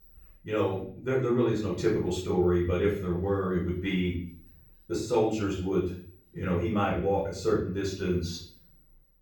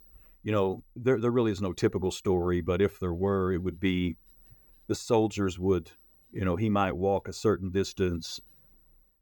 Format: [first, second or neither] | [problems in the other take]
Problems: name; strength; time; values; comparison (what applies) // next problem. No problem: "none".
second | off-mic speech; far // room echo; noticeable; dies away in 0.5 s